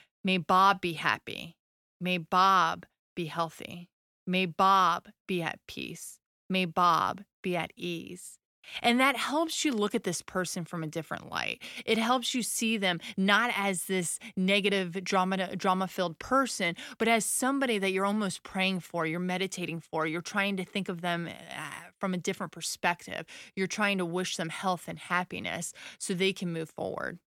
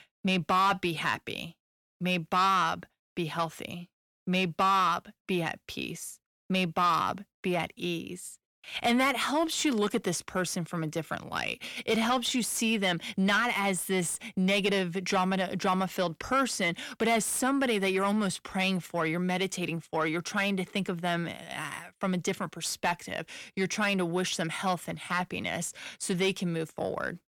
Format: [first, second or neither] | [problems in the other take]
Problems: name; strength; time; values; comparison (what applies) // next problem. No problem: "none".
first | distortion; slight; 10 dB below the speech